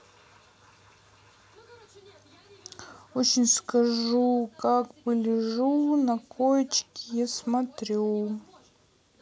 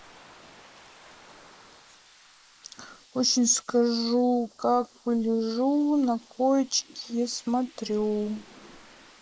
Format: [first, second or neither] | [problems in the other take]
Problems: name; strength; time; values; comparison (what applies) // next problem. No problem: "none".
first | noise reduction (neural mask model Resemble Enhance denoiser)